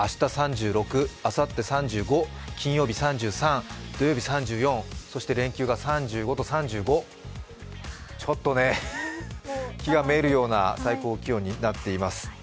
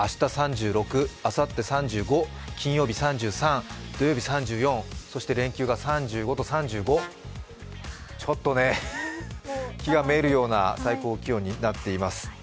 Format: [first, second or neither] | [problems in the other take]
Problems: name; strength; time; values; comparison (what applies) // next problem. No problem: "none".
first | background sound (Brass instrument); 18 dB below the speech